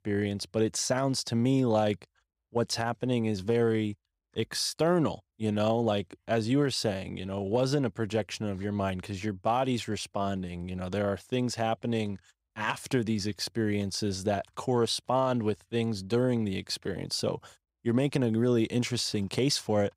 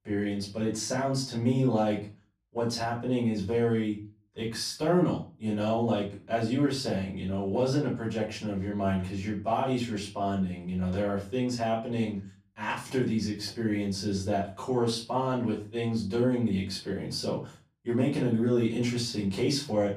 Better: first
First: none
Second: off-mic speech; far // room echo; slight; dies away in 0.3 s

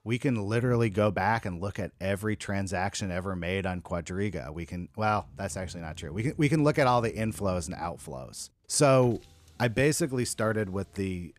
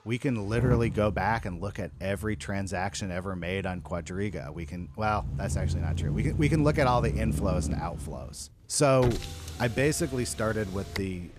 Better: first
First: traffic noise; faint; throughout; 20 dB below the speech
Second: traffic noise; loud; throughout; 5 dB below the speech

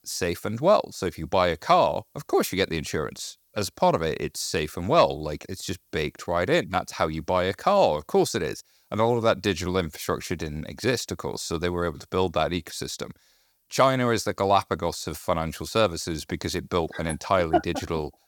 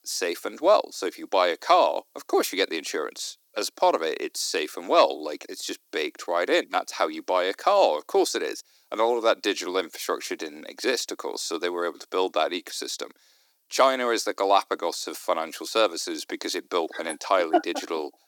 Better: first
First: none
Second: thin; somewhat; fading below 300 Hz

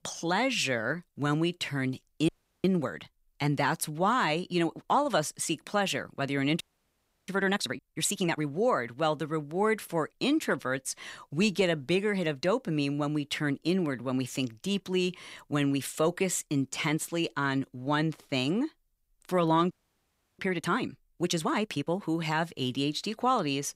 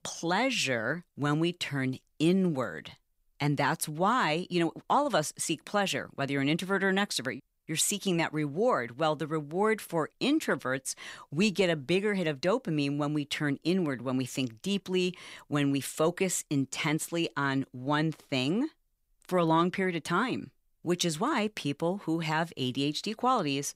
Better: second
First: audio freezing; at 2.5 s, at 6.5 s for 0.5 s and at 20 s for 0.5 s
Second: none

